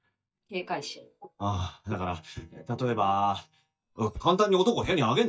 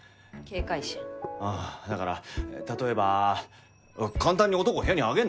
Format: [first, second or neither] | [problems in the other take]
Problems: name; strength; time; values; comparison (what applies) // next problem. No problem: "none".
second | noise reduction (neural mask model DeepFilterNet 3)